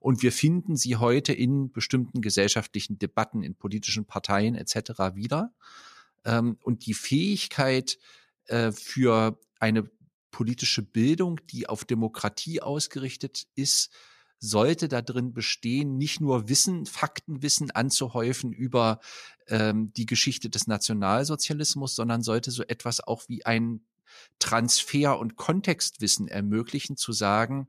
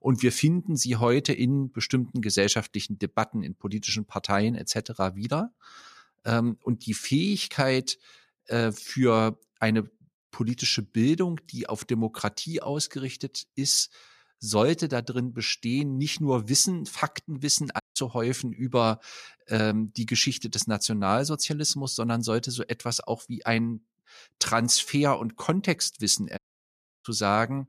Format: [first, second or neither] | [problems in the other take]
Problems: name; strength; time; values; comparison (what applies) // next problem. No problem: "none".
first | audio cutting out; at 18 s and at 26 s for 0.5 s